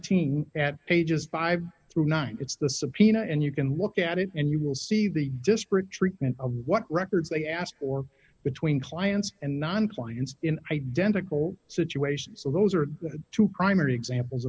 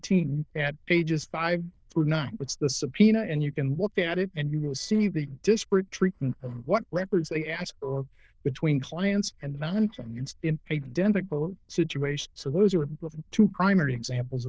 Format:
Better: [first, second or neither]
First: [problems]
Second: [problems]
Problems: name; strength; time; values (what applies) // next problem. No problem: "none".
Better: first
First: none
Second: noise reduction (neural diffusion model UNIVERSE++)